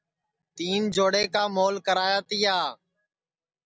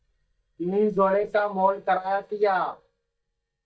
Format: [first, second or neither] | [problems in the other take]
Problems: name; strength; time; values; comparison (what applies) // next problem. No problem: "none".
first | noise reduction (neural mask model DeepFilterNet 3)